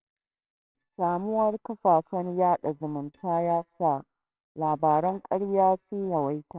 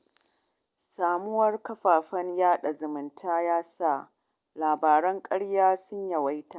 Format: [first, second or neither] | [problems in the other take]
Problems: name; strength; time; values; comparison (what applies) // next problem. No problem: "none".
second | noise reduction (neural separator model SepFormer WHAMR!)